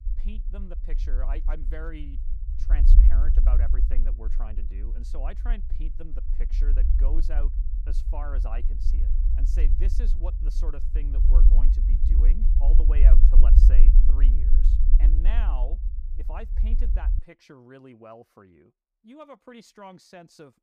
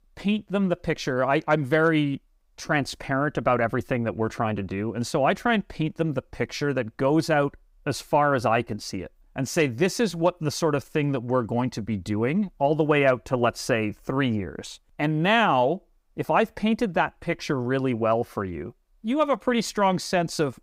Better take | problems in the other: second | low rumble; loud; until 17 s; 3 dB below the speech

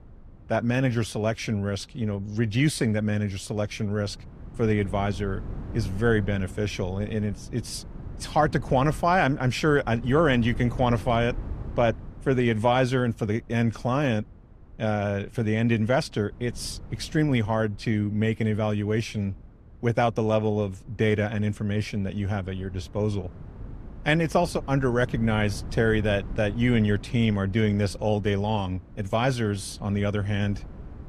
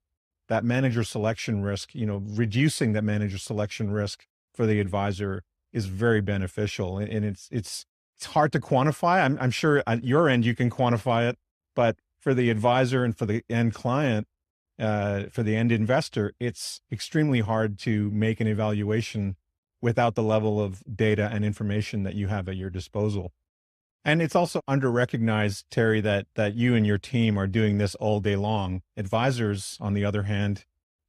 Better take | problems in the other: second | wind noise on the microphone; occasional gusts; 25 dB below the speech

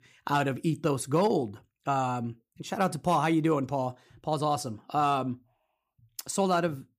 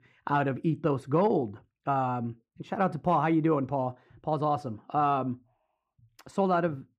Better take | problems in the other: first | muffled; very; fading above 4 kHz

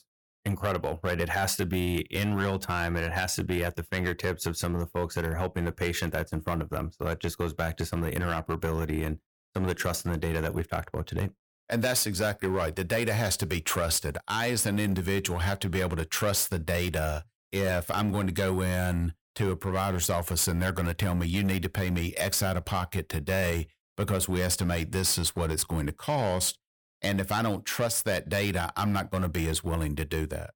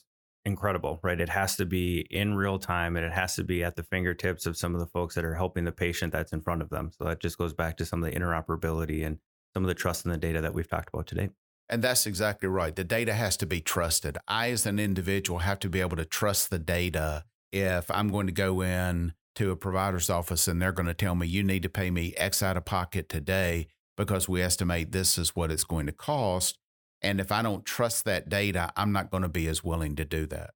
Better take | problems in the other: second | distortion; slight; 6% of the sound clipped

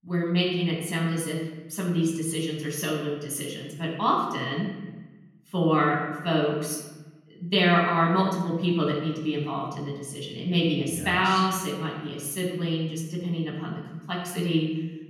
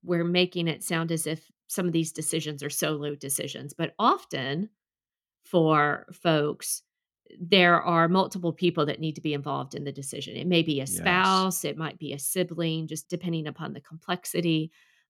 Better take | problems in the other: second | off-mic speech; far // room echo; noticeable; dies away in 1.1 s

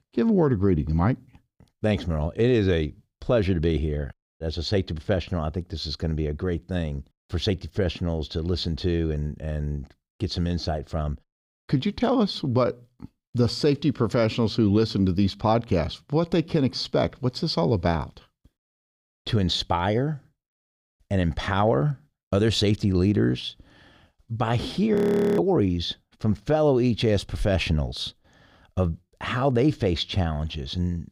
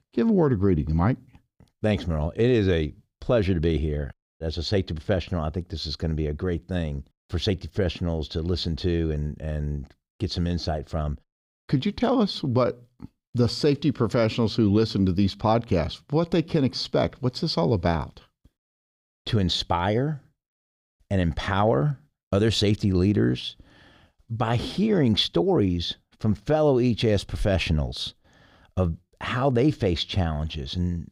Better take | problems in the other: second | audio freezing; at 25 s

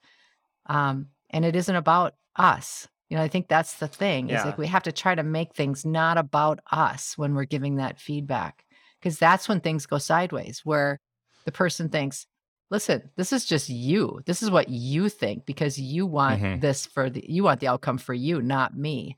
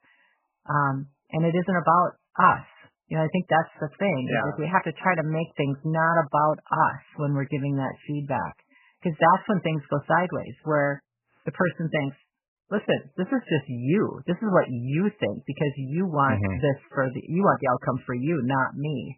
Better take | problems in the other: first | garbled, watery; badly; nothing above 3 kHz

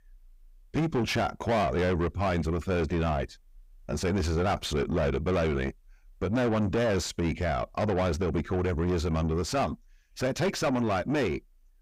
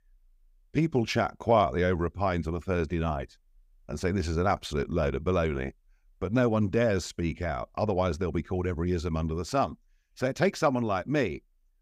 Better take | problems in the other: second | distortion; heavy; 7 dB below the speech

